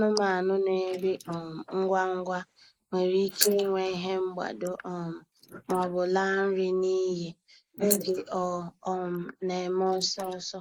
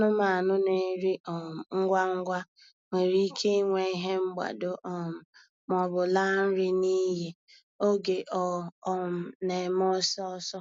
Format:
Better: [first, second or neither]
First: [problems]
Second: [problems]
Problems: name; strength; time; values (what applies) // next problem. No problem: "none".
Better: second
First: noise reduction (neural mask model Resemble Enhance denoiser)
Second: none